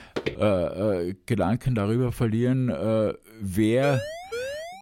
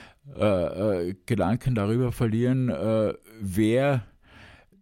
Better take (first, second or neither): second